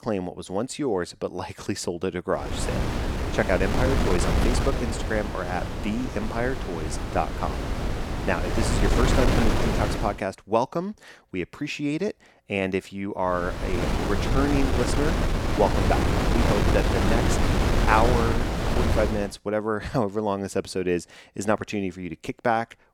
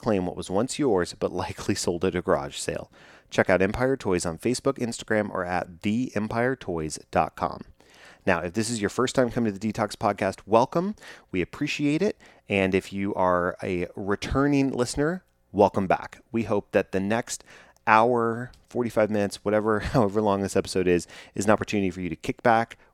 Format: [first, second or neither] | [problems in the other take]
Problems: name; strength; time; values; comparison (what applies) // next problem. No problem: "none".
second | wind noise on the microphone; heavy; from 2.5 to 10 s and from 13 to 19 s; 1 dB below the speech